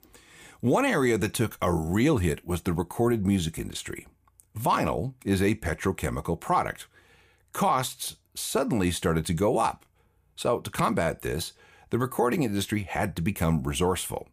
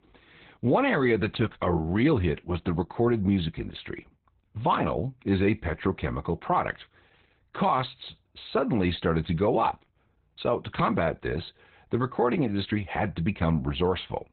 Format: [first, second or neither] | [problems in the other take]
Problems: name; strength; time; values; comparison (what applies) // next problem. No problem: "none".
first | garbled, watery; badly; nothing above 4 kHz